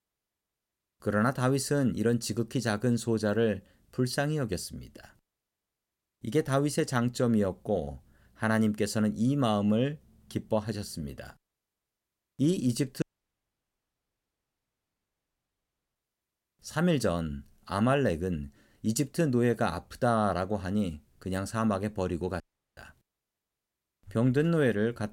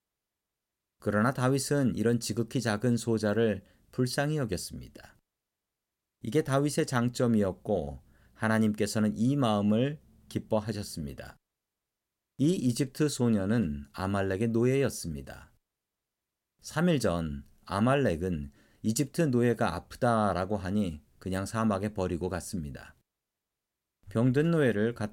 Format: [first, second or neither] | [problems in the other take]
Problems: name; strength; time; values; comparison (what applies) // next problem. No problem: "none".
second | audio cutting out; at 13 s for 3 s and at 22 s